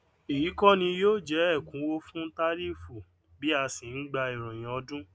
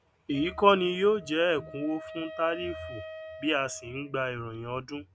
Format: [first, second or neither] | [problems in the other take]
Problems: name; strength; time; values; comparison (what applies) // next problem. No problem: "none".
first | background sound (Wind instrument, woodwind instrument); 16 dB below the speech